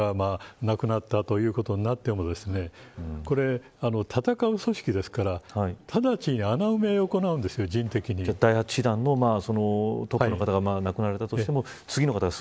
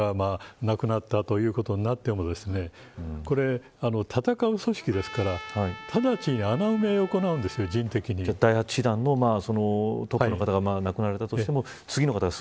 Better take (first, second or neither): first